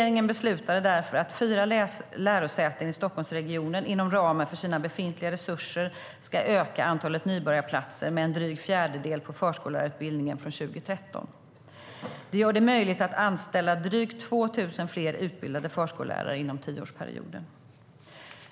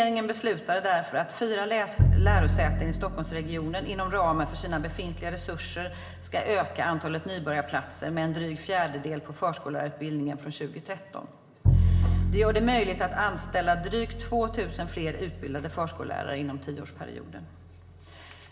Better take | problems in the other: first | background sound (Bowed string instrument); 1 dB below the speech // room echo; dies away in 2.3 s

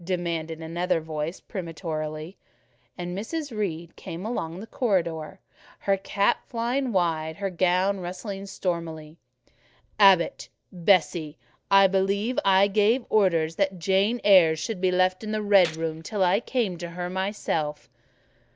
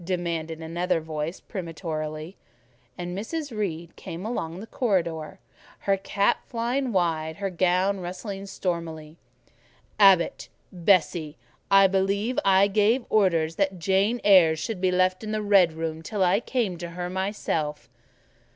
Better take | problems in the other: second | noise reduction (neural mask model DeepFilterNet 3)

